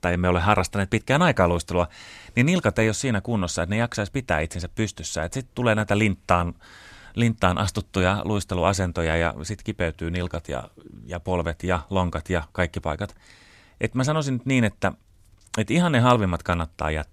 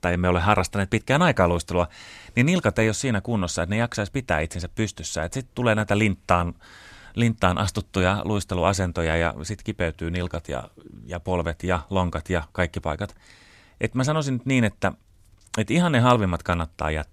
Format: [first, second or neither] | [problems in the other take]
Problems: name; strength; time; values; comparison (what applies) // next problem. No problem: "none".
neither | none